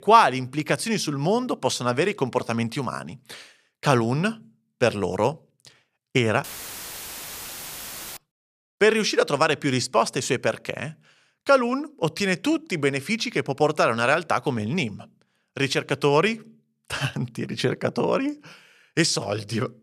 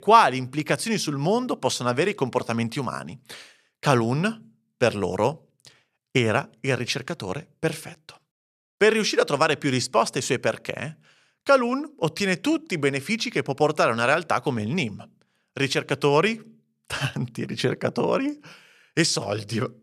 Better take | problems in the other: second | audio cutting out; filled with static; at 6.5 s for 1.5 s

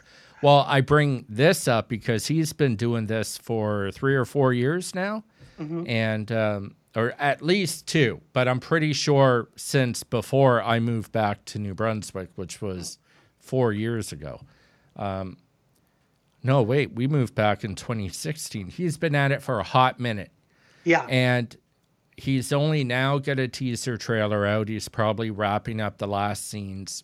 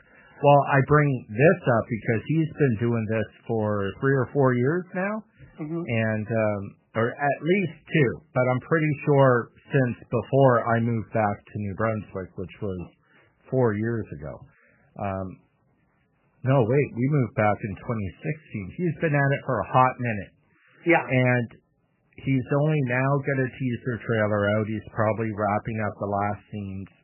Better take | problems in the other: first | garbled, watery; badly; nothing above 3 kHz

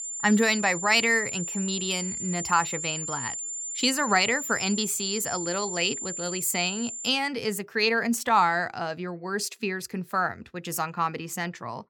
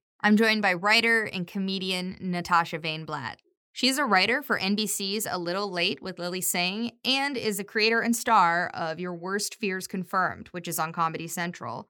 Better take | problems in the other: second | high-pitched whine; loud; until 7 s; 7 kHz, 5 dB below the speech

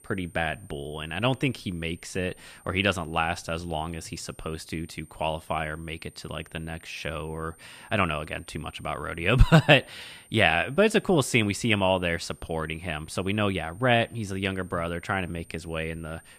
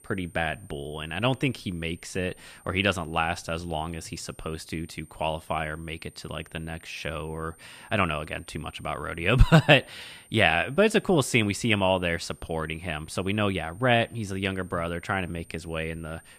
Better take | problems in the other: neither | high-pitched whine; faint; throughout; 9 kHz, 25 dB below the speech; the same in both

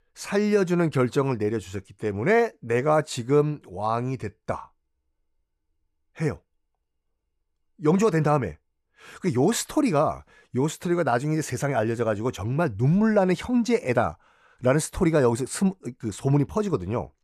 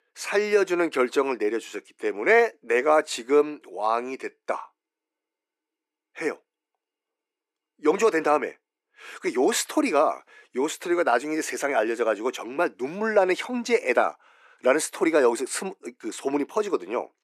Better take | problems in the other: first | thin; somewhat; fading below 300 Hz

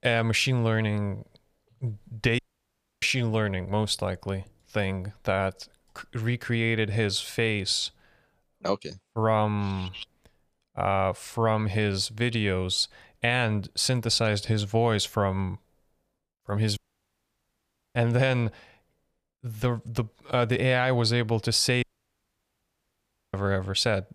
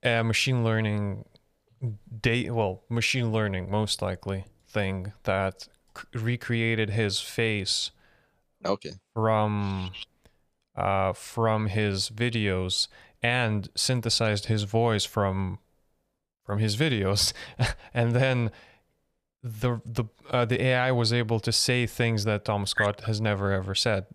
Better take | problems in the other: second | audio cutting out; at 2.5 s for 0.5 s, at 17 s for 1 s and at 22 s for 1.5 s

